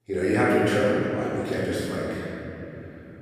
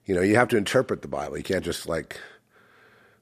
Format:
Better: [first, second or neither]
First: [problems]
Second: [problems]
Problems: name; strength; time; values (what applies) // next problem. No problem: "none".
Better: second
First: off-mic speech; far // room echo; strong; dies away in 3 s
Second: none